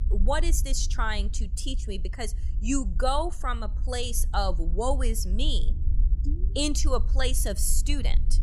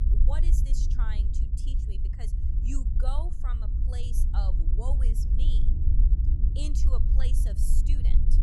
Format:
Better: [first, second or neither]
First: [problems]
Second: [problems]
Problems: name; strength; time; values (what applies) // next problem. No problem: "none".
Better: first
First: low rumble; faint; throughout; 20 dB below the speech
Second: low rumble; loud; throughout; 3 dB below the speech